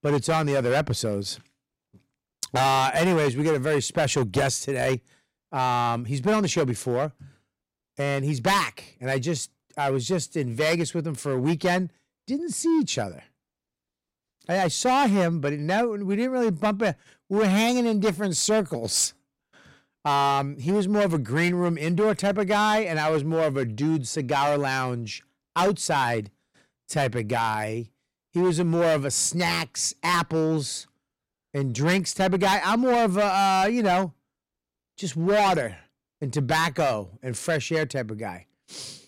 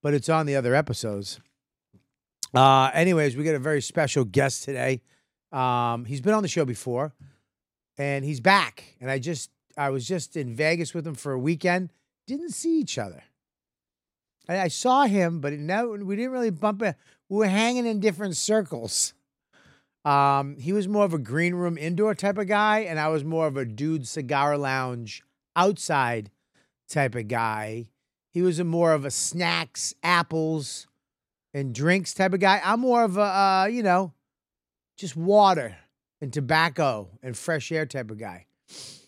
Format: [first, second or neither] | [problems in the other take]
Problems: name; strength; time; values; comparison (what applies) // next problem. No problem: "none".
second | distortion; heavy; 9% of the sound clipped